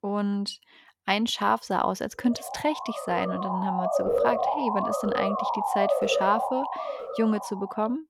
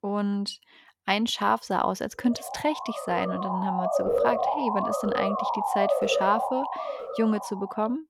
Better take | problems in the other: neither | siren; loud; from 2.5 s on; peak 4 dB above the speech; the same in both

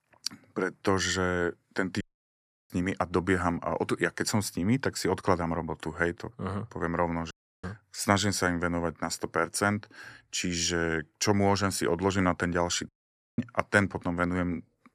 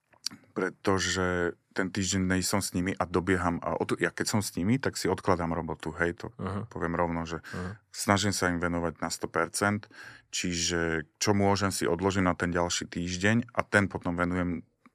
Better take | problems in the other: second | audio cutting out; at 2 s for 0.5 s, at 7.5 s and at 13 s

